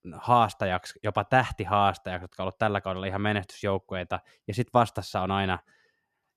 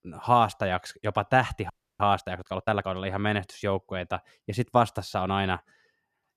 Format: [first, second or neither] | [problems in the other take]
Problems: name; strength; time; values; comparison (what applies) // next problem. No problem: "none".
first | audio freezing; at 1.5 s